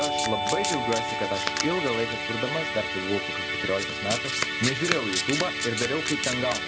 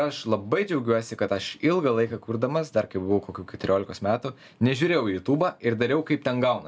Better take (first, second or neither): second